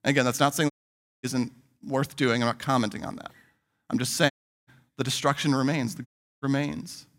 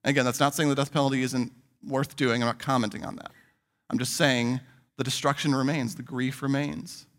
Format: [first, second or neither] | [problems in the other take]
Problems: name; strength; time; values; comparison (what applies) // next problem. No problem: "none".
second | audio cutting out; at 0.5 s for 0.5 s, at 4.5 s and at 6 s